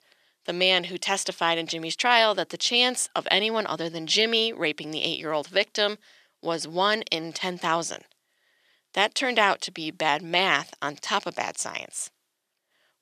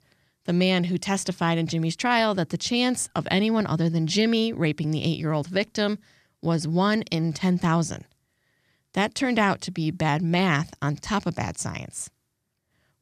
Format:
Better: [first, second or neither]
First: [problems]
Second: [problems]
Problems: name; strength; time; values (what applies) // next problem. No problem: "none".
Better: second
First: thin; very; fading below 500 Hz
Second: none